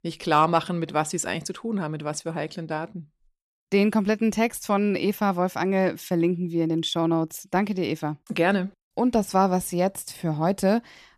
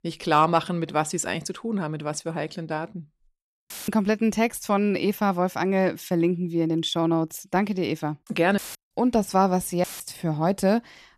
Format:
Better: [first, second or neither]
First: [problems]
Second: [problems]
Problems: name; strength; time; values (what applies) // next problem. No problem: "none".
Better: first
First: none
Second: audio cutting out; filled with static; at 3.5 s, at 8.5 s and at 10 s